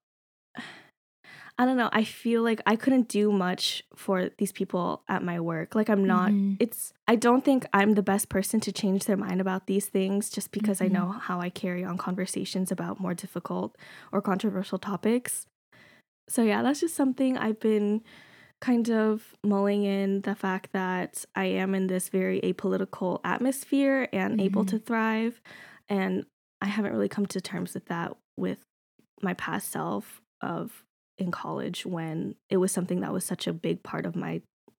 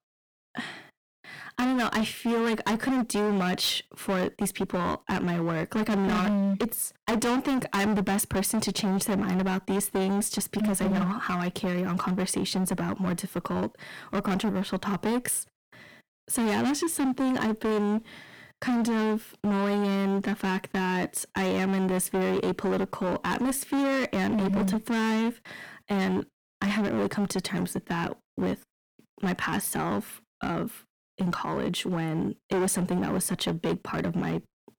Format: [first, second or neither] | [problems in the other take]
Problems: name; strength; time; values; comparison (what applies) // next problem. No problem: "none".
first | distortion; heavy; 22% of the sound clipped